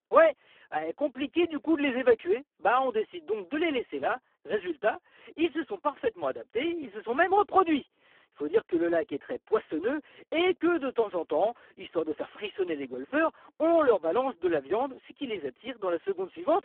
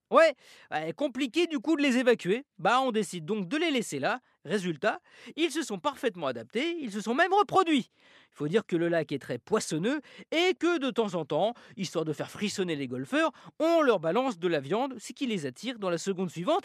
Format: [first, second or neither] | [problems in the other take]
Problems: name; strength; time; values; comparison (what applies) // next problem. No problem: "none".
second | phone-call audio; poor line